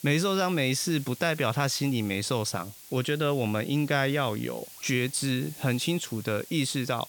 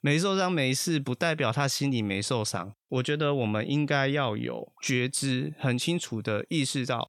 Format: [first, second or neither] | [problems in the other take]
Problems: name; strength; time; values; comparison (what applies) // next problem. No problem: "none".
second | hiss; noticeable; throughout; 15 dB below the speech